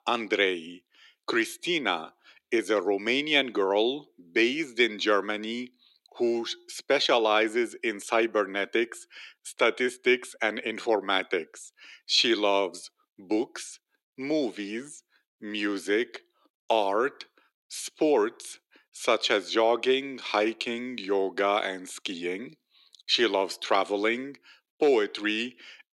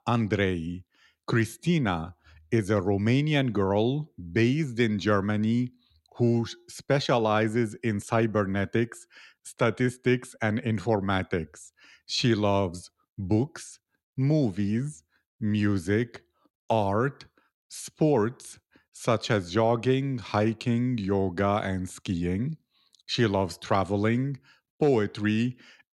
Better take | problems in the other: second | thin; somewhat; fading below 350 Hz

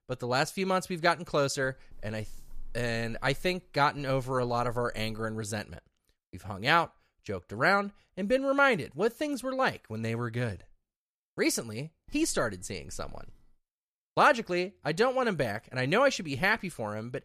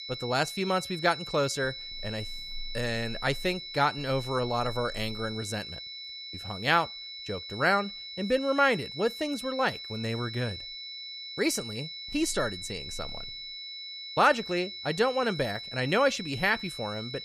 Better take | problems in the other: first | high-pitched whine; loud; throughout; 4 kHz, 9 dB below the speech

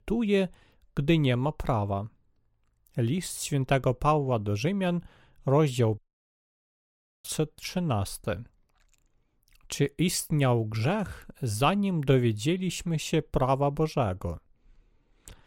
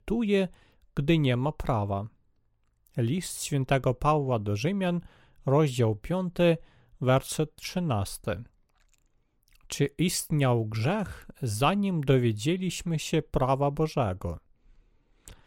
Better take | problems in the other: second | audio cutting out; at 6 s for 1.5 s

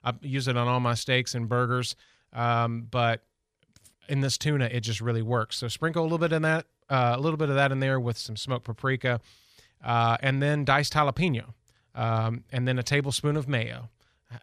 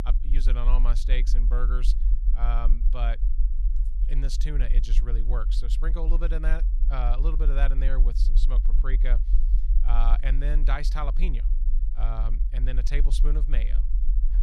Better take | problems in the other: first | low rumble; noticeable; throughout; 15 dB below the speech

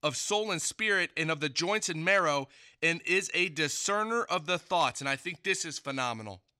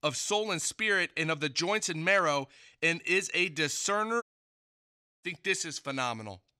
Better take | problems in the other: first | audio cutting out; at 4 s for 1 s

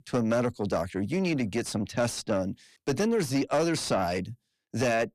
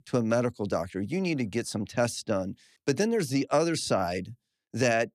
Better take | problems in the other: second | distortion; slight; 10 dB below the speech

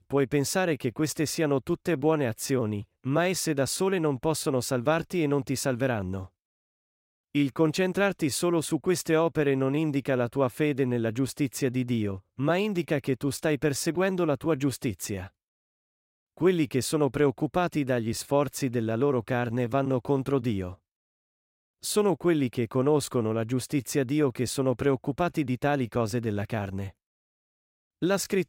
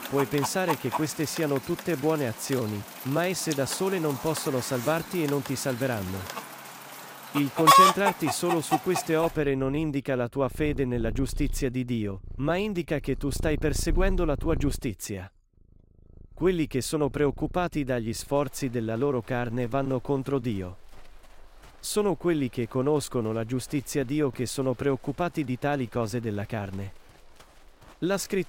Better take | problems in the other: first | animal sounds; loud; throughout; 1 dB below the speech

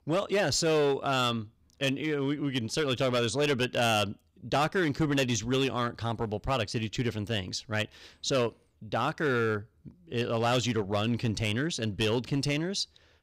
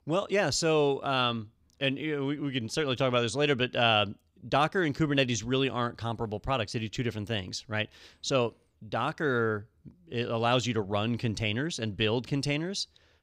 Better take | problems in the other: second | distortion; slight; 6% of the sound clipped

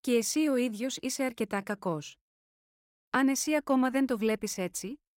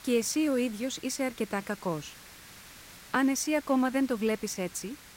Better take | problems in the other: first | hiss; noticeable; throughout; 20 dB below the speech

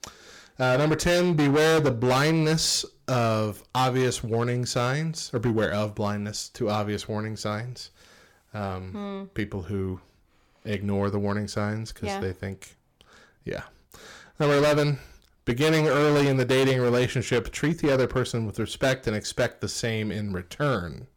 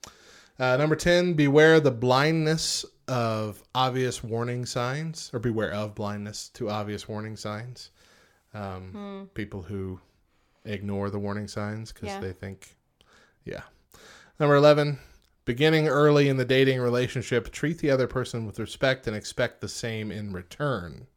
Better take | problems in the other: second | distortion; heavy; 9% of the sound clipped

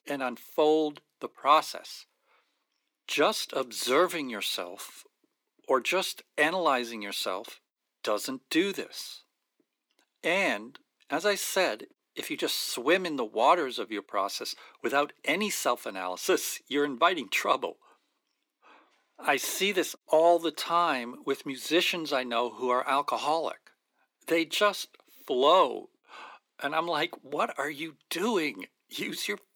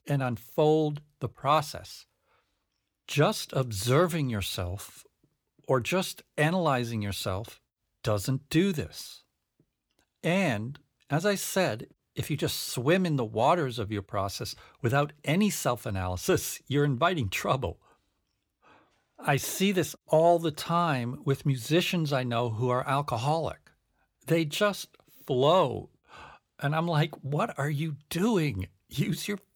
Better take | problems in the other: second | thin; somewhat; fading below 250 Hz

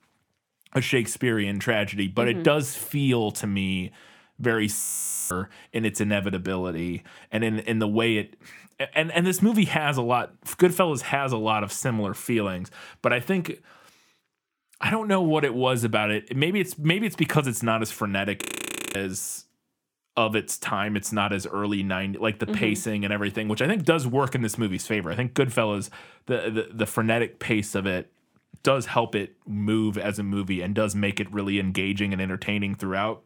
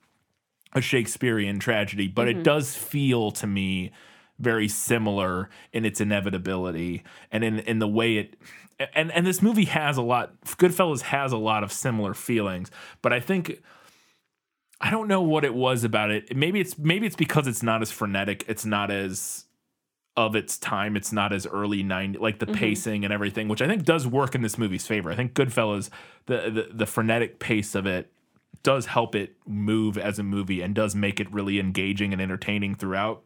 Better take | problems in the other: second | audio freezing; at 5 s and at 18 s for 0.5 s

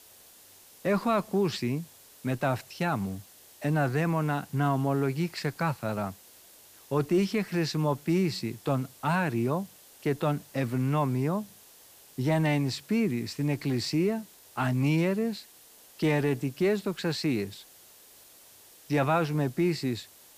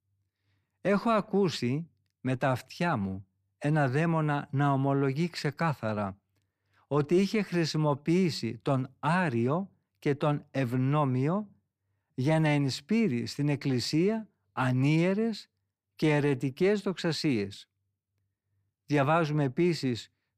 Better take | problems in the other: second | hiss; faint; throughout; 20 dB below the speech

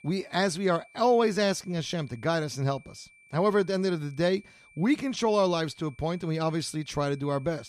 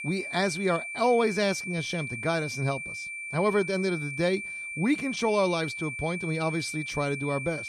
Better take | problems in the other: first | high-pitched whine; loud; throughout; 2.5 kHz, 6 dB below the speech; faint in the first

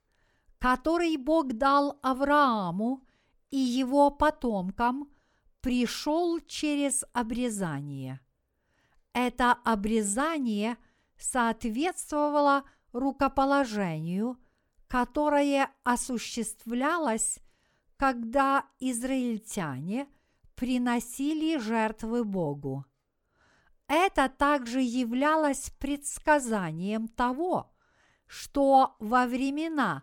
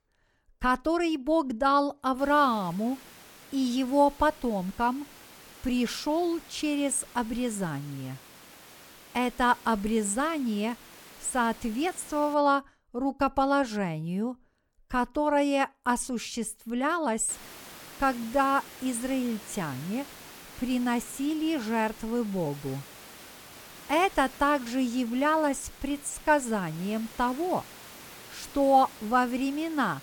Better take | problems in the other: first | hiss; noticeable; from 2 to 12 s and from 17 s on; 20 dB below the speech

